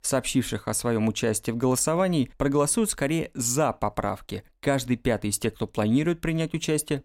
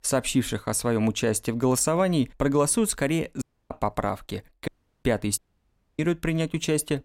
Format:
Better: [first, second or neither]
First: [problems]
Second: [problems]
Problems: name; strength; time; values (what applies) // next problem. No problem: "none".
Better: first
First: none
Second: audio cutting out; at 3.5 s, at 4.5 s and at 5.5 s for 0.5 s